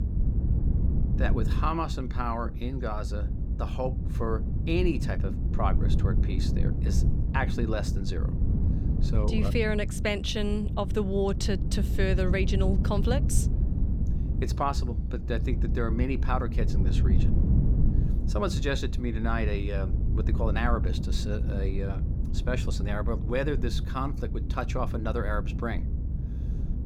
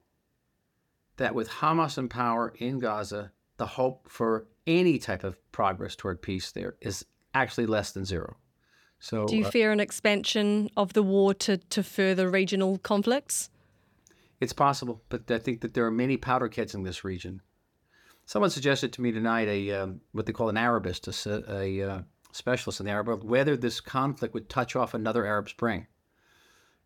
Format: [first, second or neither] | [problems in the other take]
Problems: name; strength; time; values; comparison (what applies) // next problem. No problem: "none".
second | low rumble; loud; throughout; 9 dB below the speech